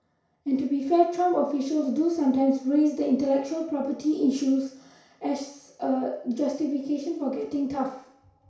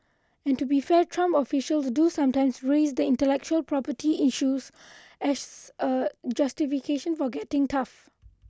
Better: second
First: room echo; dies away in 0.6 s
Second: none

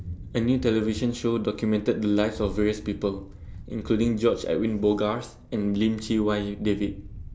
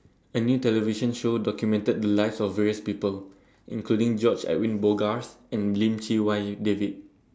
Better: second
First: background sound (Thunder); 14 dB below the speech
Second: none

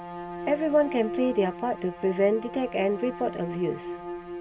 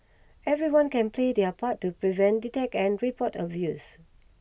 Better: second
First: background sound (Bowed string instrument); 9 dB below the speech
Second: none

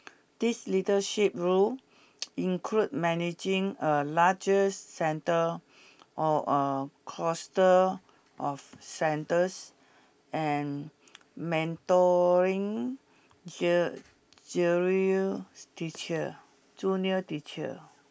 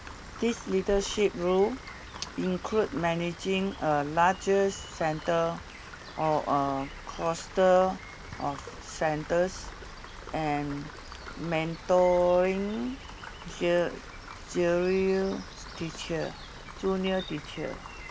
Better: first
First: none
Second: background sound (Rain); 14 dB below the speech

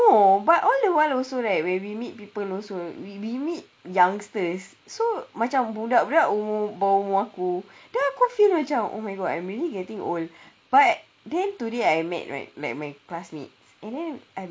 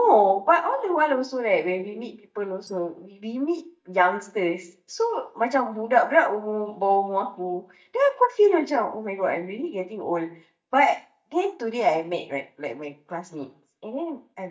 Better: first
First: none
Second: noise reduction (neural mask model DeepFilterNet 3)

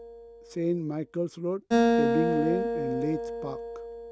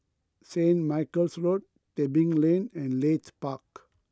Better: second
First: background sound (Acoustic guitar); 3 dB above the speech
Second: none

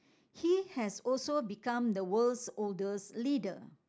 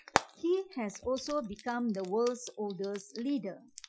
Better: first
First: none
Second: noise reduction (classical method Wiener filter)

